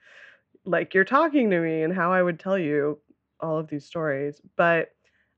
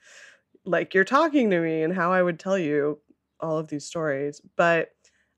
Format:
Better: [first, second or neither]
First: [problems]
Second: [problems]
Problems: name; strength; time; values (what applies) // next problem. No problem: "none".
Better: second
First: muffled; slightly; fading above 2.5 kHz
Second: none